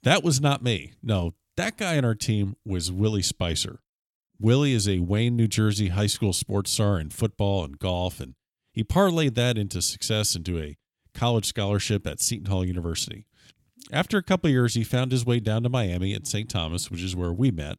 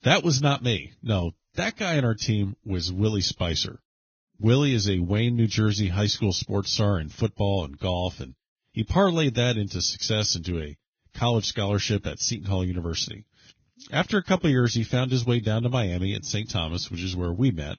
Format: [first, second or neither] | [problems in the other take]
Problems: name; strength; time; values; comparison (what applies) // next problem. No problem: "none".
first | garbled, watery; badly; nothing above 6.5 kHz